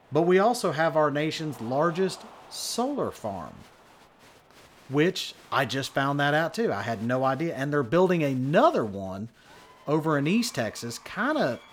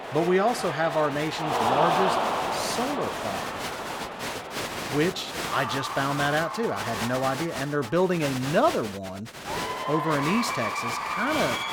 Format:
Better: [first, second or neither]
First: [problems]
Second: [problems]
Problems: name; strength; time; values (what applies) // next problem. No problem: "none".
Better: first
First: crowd noise; faint; throughout; 25 dB below the speech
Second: crowd noise; loud; throughout; 2 dB below the speech